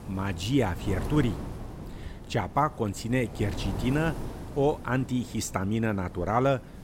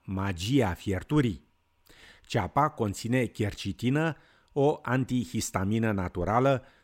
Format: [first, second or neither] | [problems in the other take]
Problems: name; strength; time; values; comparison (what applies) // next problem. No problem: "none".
second | wind noise on the microphone; occasional gusts; 15 dB below the speech